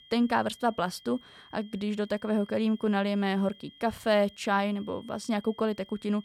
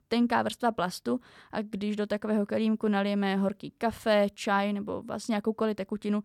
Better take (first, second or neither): second